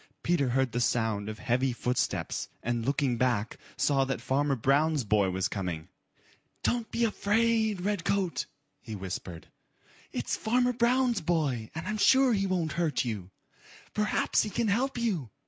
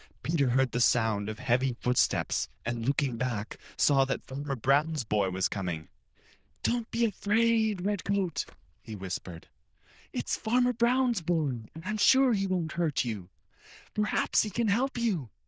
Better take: first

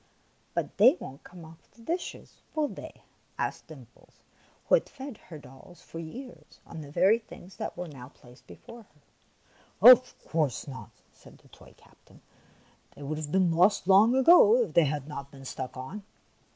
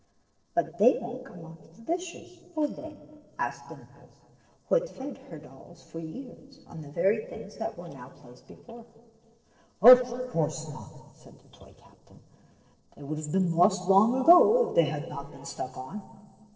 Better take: first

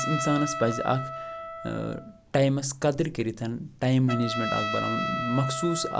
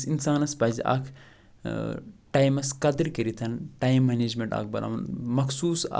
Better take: second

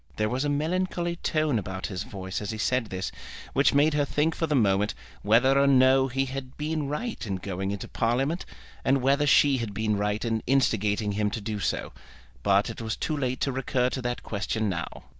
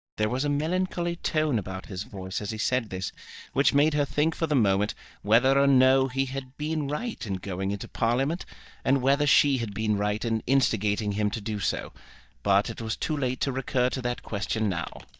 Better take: first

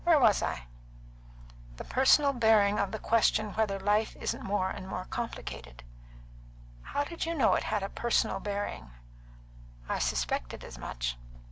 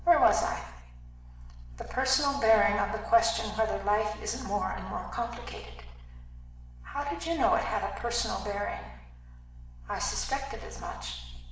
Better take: first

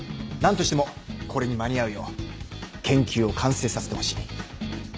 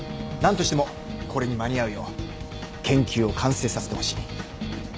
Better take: first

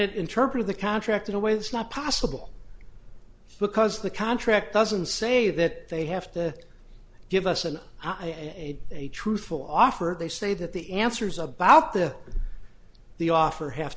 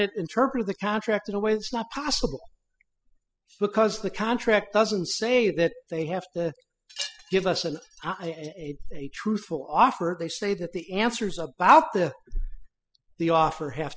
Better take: first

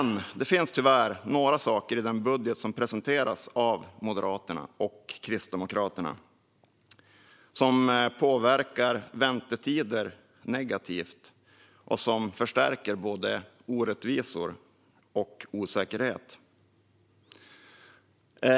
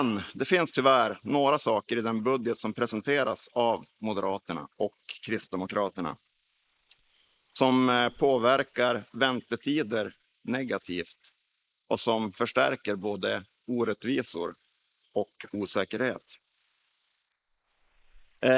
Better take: first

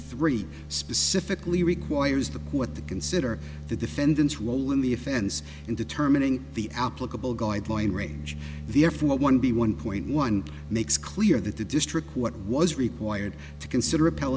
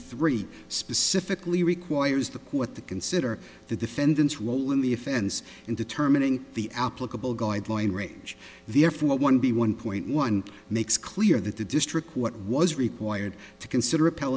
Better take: second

